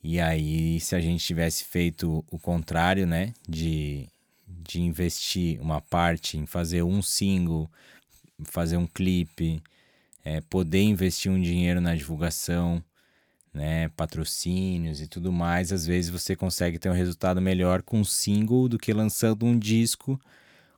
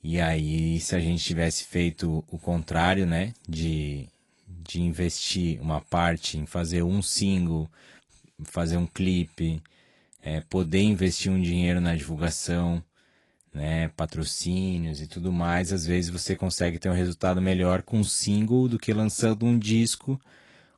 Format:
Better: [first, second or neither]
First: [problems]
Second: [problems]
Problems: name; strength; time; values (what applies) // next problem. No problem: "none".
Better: first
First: none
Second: garbled, watery; slightly; nothing above 10.5 kHz